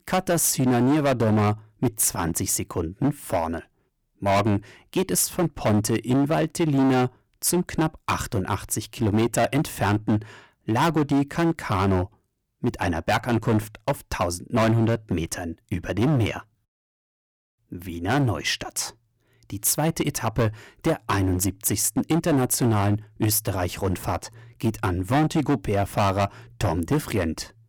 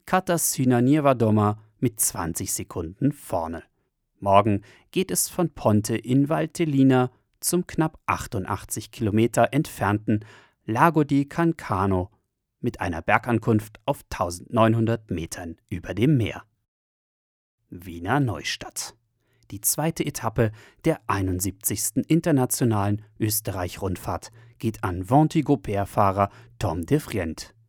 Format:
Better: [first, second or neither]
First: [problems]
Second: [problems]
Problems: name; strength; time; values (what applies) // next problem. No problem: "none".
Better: second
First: distortion; heavy; 11% of the sound clipped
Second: none